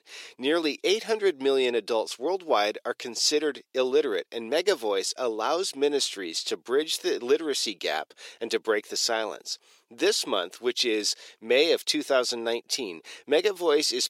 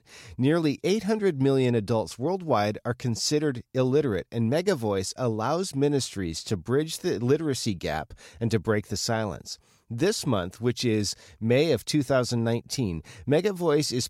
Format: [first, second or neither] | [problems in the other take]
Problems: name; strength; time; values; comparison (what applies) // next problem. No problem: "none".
second | thin; somewhat; fading below 350 Hz